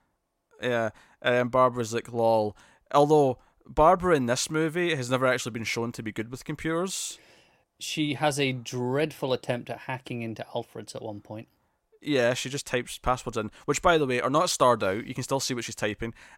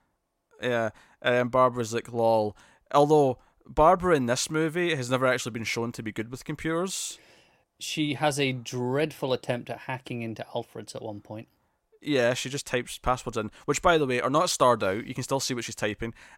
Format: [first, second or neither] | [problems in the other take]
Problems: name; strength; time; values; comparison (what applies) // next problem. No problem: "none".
neither | none